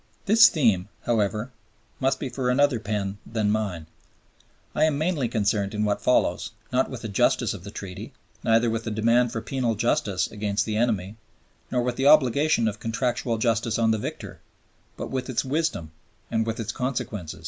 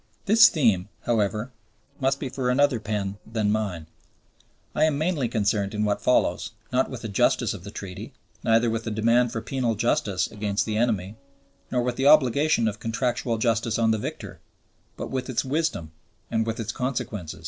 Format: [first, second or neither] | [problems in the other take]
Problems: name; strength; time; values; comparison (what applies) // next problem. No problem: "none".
first | noise reduction (neural separator model SepFormer DNS4)